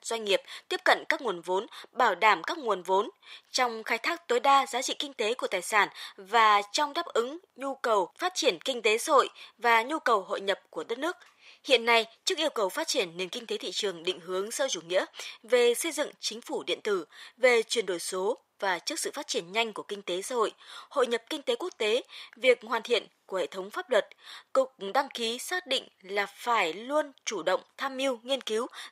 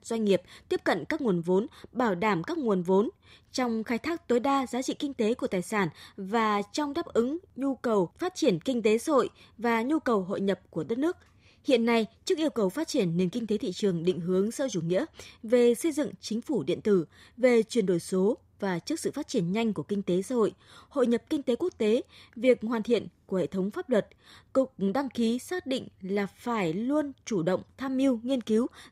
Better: second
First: thin; very; fading below 800 Hz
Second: none

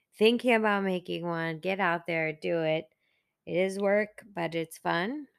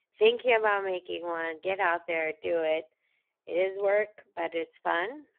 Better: first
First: none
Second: phone-call audio; poor line

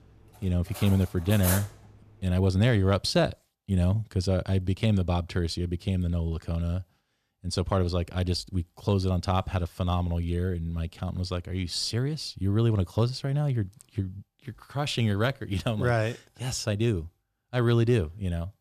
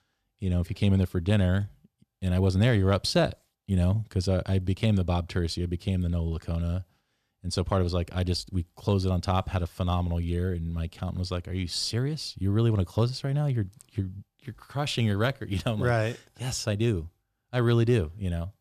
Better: second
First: clattering dishes; noticeable; at 0.5 s; peak 2 dB below the speech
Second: none

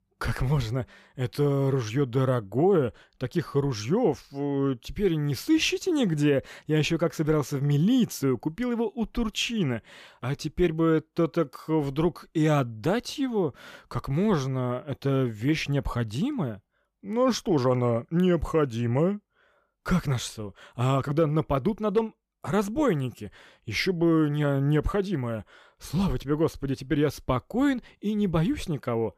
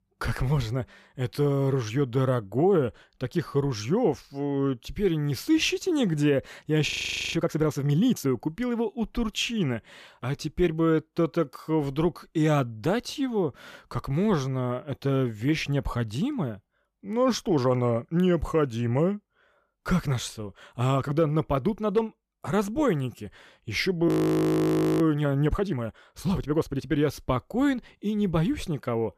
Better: first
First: none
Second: audio freezing; at 7 s and at 24 s for 1 s

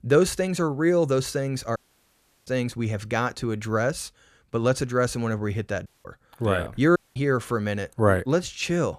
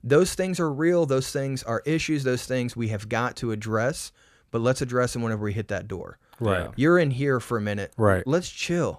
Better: second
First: audio cutting out; at 2 s for 0.5 s, at 6 s and at 7 s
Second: none

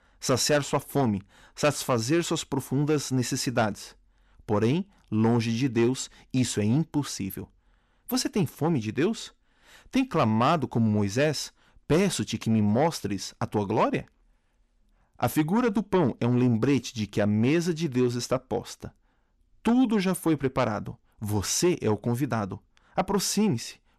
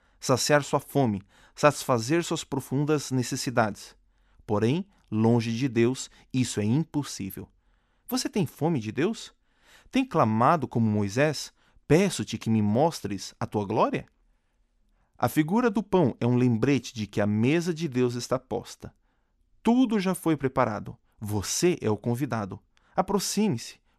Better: second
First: distortion; slight; 10 dB below the speech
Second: none

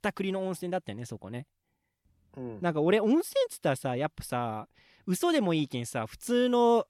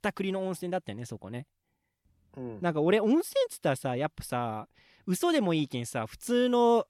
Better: neither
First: none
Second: none

